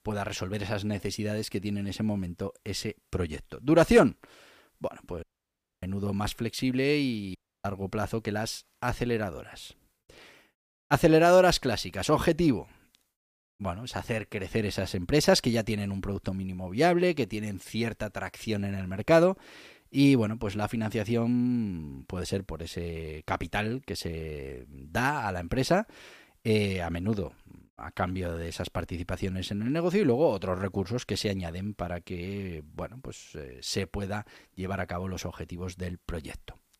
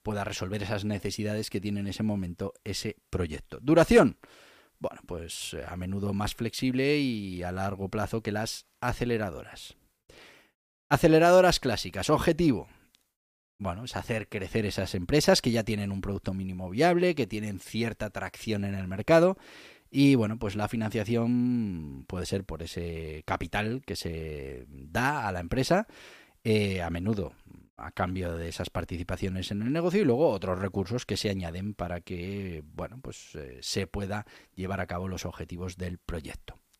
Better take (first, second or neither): second